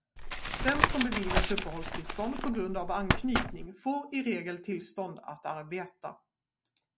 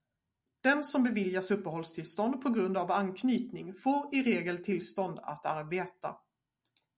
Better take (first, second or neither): second